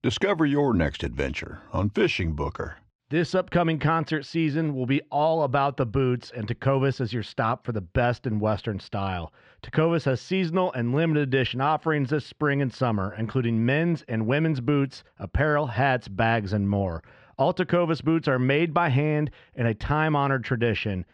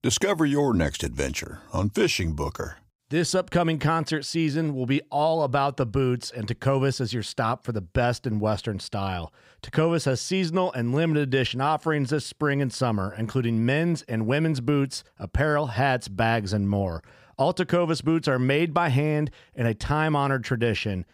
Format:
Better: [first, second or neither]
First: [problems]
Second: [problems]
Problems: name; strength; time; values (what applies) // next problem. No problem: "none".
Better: second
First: muffled; slightly; fading above 2.5 kHz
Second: none